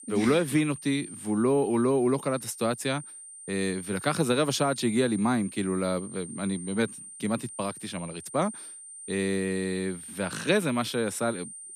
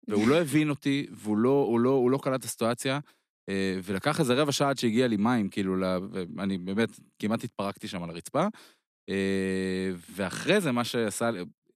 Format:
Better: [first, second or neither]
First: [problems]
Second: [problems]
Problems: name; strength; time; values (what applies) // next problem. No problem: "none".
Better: second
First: high-pitched whine; noticeable; throughout; 9 kHz, 15 dB below the speech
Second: none